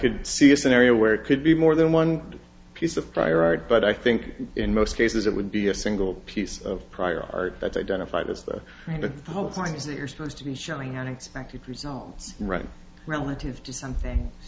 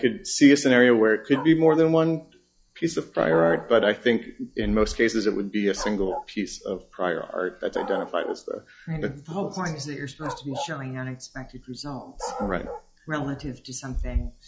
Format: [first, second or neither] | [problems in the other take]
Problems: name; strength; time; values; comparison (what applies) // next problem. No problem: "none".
first | noise reduction (classical method log-MMSE)